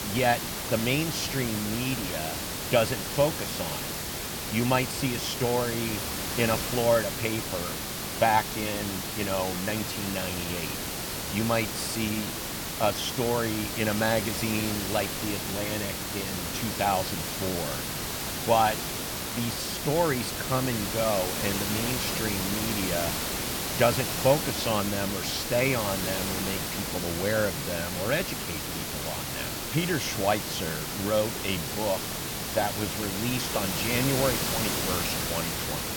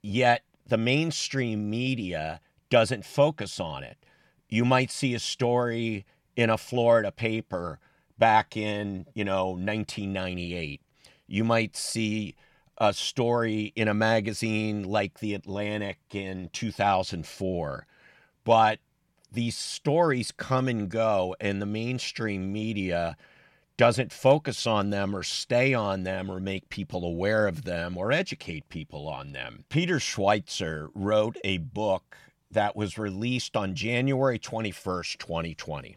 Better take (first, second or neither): second